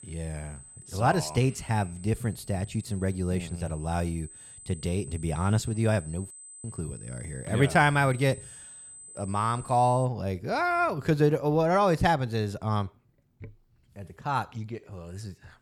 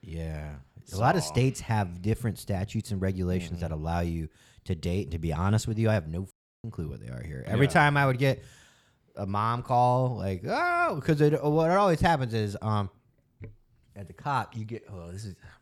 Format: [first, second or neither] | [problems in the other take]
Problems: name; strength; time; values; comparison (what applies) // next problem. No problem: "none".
second | high-pitched whine; noticeable; until 10 s; 8 kHz, 15 dB below the speech